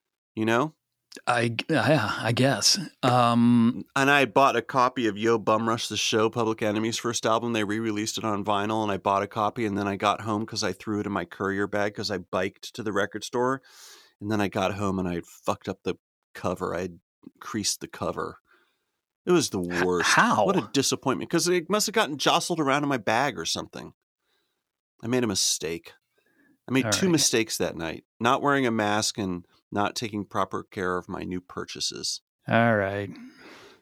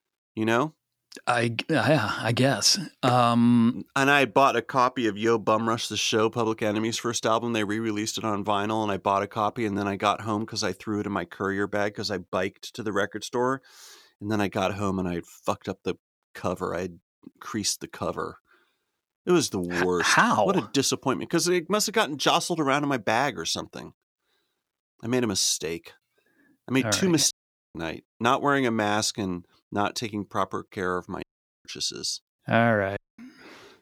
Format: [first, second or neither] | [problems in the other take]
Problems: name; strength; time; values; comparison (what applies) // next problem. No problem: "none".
first | audio cutting out; at 27 s, at 31 s and at 33 s